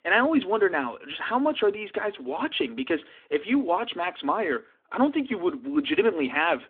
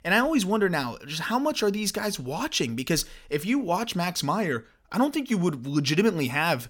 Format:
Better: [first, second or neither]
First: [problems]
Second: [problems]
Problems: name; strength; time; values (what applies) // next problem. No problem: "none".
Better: second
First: phone-call audio; nothing above 3.5 kHz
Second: none